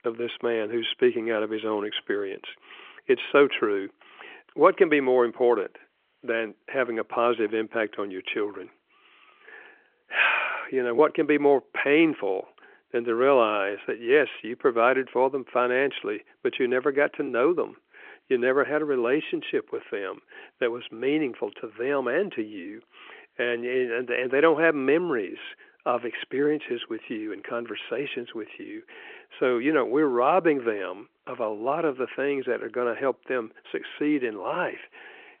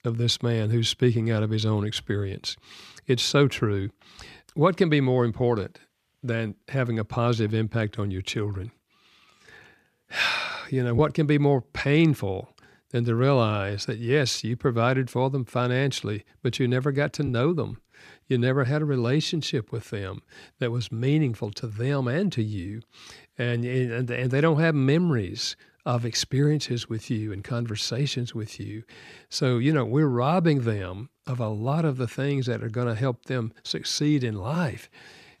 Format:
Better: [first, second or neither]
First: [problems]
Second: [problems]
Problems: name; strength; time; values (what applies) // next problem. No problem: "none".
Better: second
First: phone-call audio; nothing above 3.5 kHz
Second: none